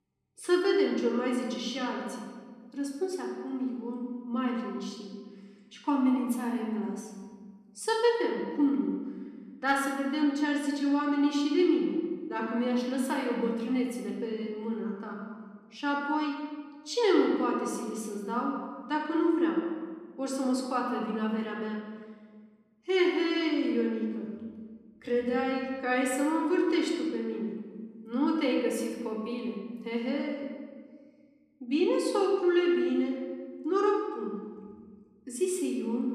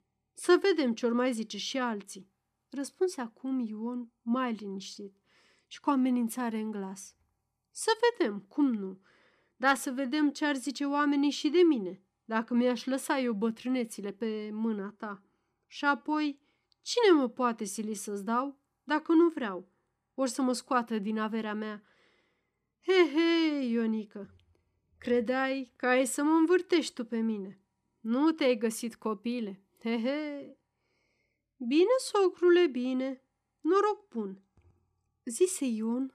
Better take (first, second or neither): second